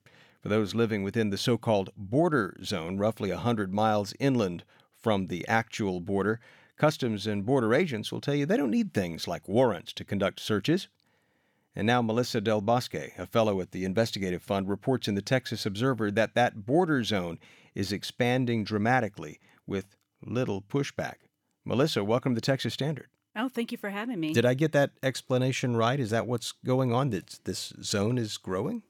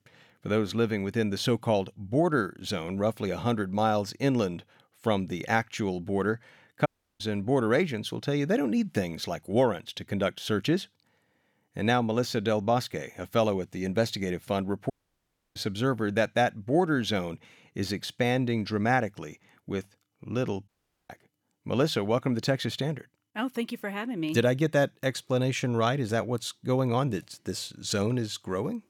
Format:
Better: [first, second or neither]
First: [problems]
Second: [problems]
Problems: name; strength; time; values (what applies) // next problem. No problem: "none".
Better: first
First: none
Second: audio cutting out; at 7 s, at 15 s for 0.5 s and at 21 s